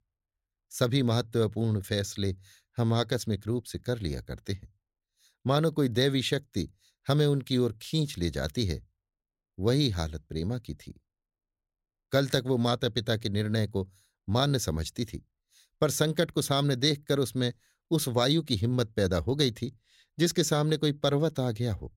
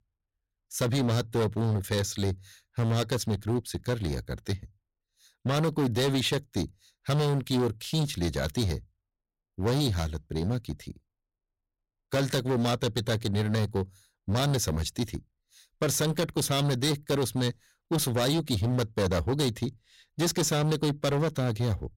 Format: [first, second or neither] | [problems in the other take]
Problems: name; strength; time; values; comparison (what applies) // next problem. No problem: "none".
first | distortion; heavy; 14% of the sound clipped